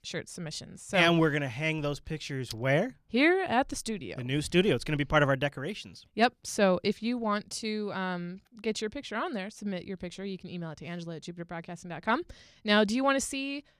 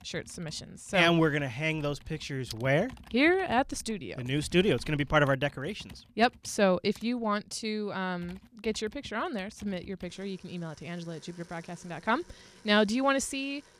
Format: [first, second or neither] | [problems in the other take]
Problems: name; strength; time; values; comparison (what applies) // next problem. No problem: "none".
first | household noises; faint; throughout; 25 dB below the speech